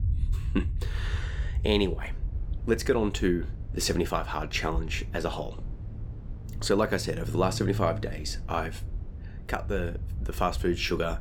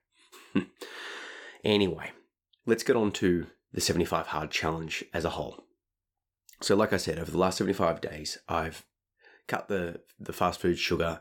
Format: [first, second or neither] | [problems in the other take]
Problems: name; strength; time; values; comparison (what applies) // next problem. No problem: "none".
second | low rumble; faint; throughout; 20 dB below the speech